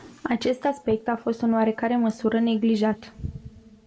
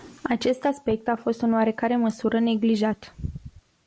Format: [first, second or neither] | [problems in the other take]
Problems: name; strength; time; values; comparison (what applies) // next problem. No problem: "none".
second | room echo; dies away in 2.1 s